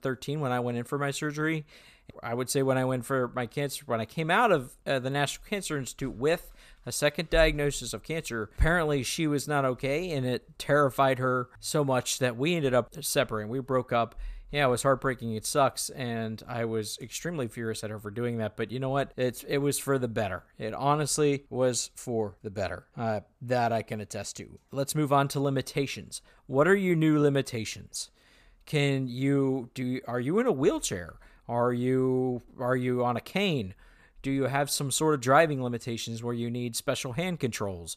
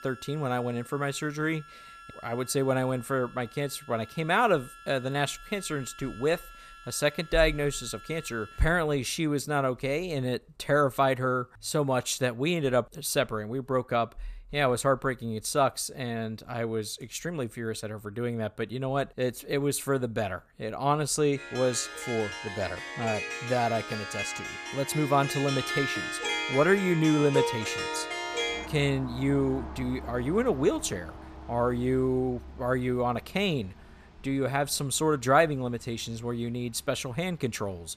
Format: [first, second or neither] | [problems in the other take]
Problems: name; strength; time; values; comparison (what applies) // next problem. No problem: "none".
first | background music; loud; throughout; 7 dB below the speech